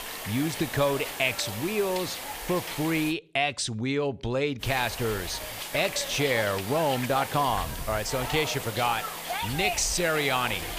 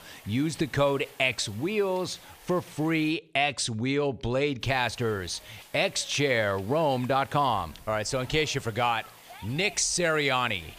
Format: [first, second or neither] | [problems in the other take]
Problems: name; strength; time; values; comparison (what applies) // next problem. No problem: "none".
second | hiss; loud; until 3 s and from 4.5 s on; 6 dB below the speech; faint in the second